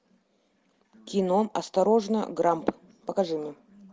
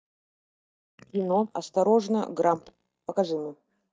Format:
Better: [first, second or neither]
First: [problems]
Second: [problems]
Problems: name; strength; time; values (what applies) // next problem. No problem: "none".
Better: first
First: none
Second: noise reduction (neural mask model DeepFilterNet 3)